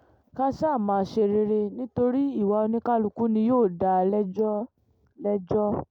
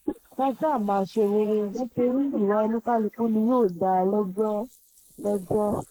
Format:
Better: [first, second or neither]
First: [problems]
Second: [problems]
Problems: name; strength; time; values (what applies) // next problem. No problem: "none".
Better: first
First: none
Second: noise reduction (neural mask model Resemble Enhance denoiser)